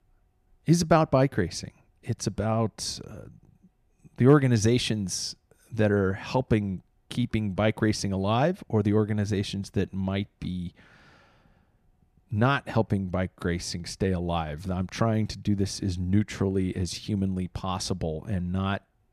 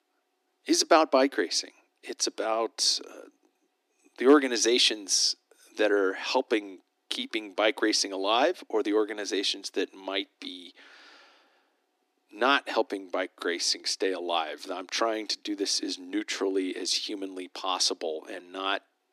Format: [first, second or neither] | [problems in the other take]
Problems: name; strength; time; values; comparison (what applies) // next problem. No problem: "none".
first | thin; somewhat; fading below 250 Hz